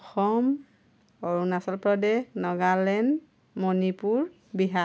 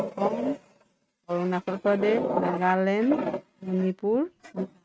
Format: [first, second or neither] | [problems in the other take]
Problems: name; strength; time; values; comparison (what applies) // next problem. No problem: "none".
first | noise reduction (neural mask model RNNoise)